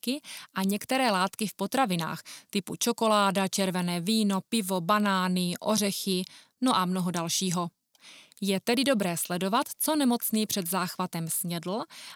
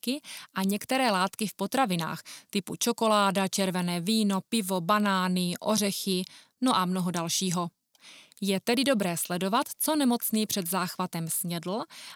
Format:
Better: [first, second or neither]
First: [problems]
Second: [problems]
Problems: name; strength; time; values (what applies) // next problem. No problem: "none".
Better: neither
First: none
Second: none